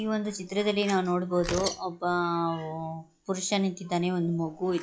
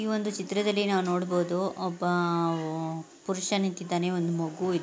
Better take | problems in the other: second | noise reduction (classical method log-MMSE)

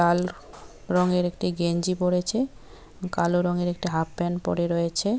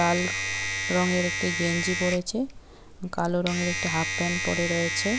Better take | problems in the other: first | background sound (Domestic sounds, home sounds); 2 dB below the speech

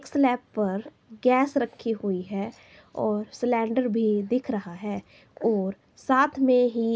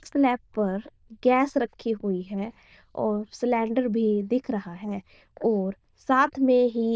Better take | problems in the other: first | noise reduction (neural diffusion model UNIVERSE++)

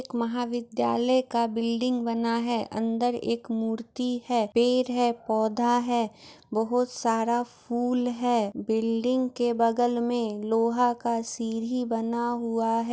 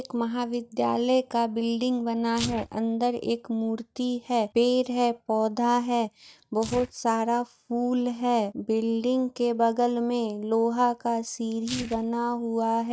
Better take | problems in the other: first | noise reduction (neural mask model RNNoise)

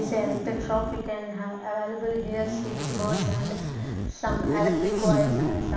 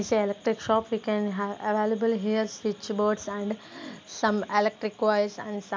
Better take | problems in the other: second | background sound (Zipper (clothing)); 2 dB above the speech // room echo; dies away in 0.9 s

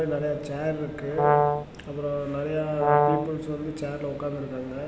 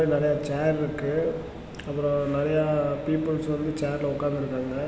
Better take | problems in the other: second | background sound (Brass instrument); 5 dB above the speech

